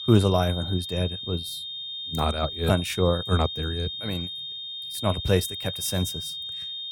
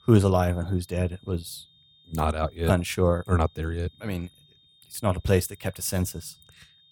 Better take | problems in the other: second | high-pitched whine; loud; throughout; 3.5 kHz, 6 dB below the speech; faint in the second

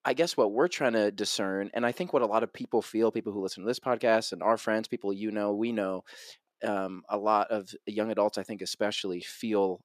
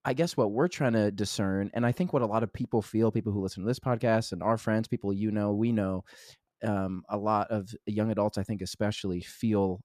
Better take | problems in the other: second | thin; somewhat; fading below 350 Hz

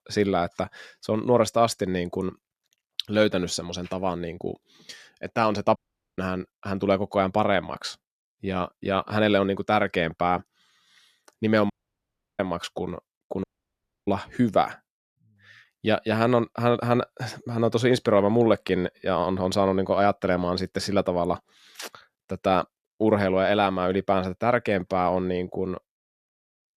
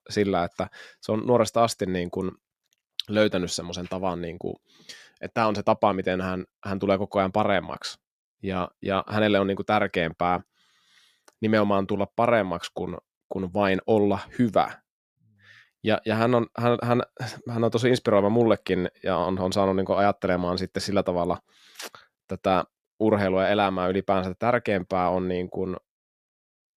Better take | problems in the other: second | audio cutting out; at 6 s, at 12 s for 0.5 s and at 13 s for 0.5 s

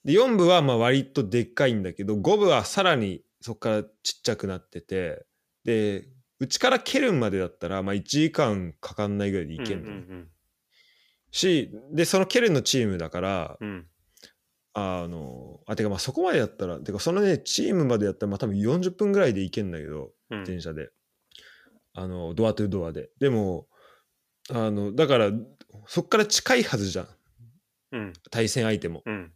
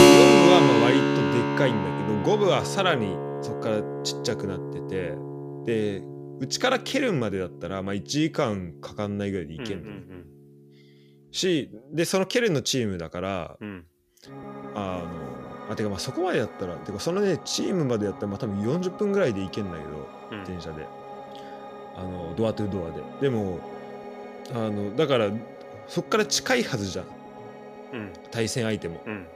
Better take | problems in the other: first | background music; very loud; throughout; 1 dB above the speech

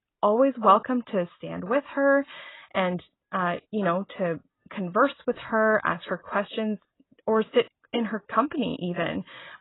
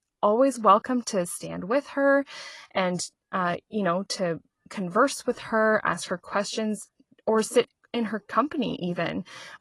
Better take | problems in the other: second | garbled, watery; badly; nothing above 4 kHz; slightly in the second

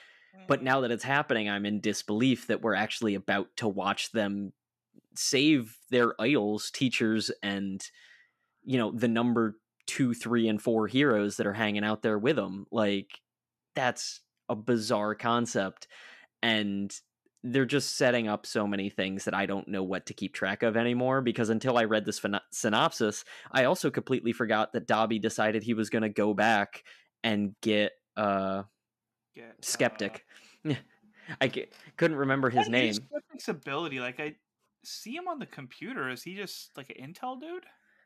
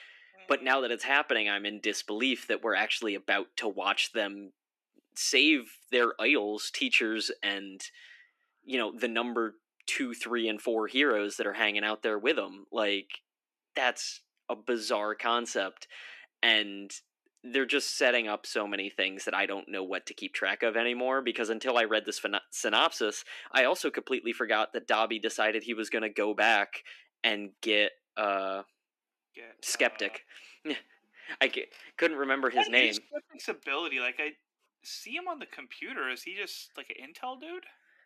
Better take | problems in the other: first | thin; somewhat; fading below 300 Hz

